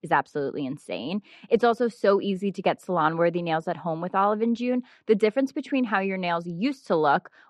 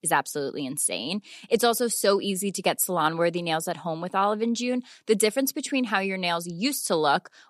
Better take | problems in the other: second | muffled; very; fading above 2 kHz

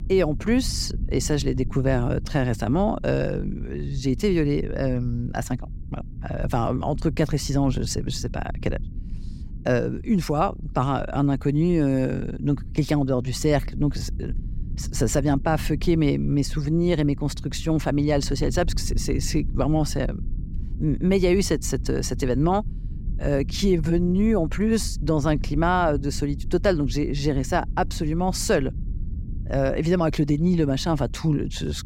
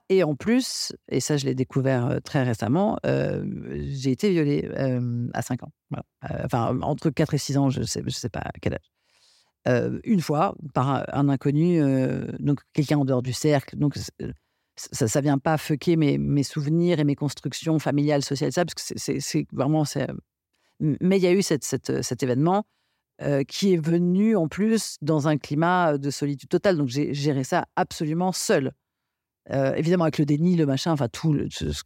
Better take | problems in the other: second | low rumble; faint; throughout; 20 dB below the speech

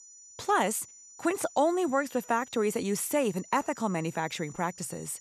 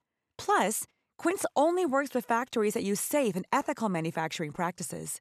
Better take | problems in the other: second | high-pitched whine; noticeable; throughout; 7 kHz, 20 dB below the speech

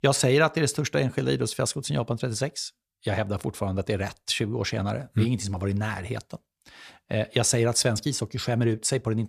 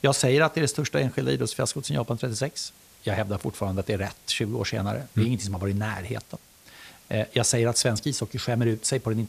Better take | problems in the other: first | hiss; faint; throughout; 25 dB below the speech

